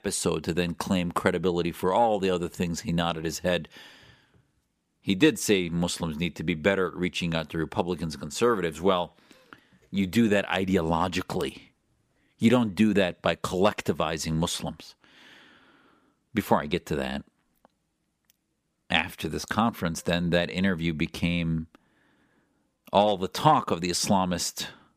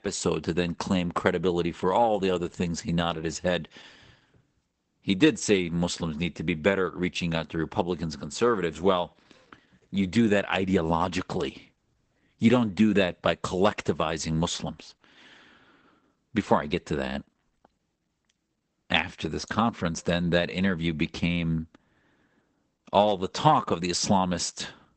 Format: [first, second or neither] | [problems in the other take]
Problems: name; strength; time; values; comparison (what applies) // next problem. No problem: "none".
first | garbled, watery; badly; nothing above 8 kHz